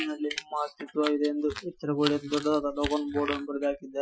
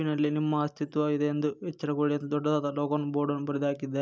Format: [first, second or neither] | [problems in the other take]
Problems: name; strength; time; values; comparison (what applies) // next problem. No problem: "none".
second | noise reduction (classical method Wiener filter)